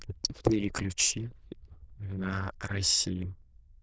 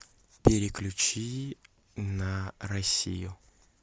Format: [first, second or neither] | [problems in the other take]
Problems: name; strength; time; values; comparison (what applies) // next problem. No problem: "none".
second | noise reduction (neural diffusion model UNIVERSE++)